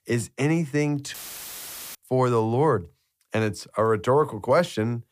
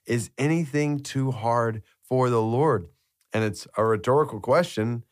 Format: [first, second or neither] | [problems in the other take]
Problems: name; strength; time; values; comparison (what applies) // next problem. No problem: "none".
second | audio cutting out; filled with static; at 1 s for 1 s